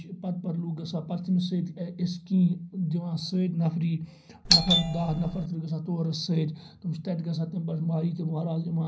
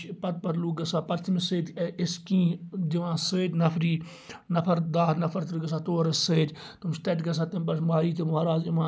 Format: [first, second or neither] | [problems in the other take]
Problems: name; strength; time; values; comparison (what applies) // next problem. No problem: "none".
second | background sound (Doorbell); 3 dB above the speech // room echo; dies away in 0.5 s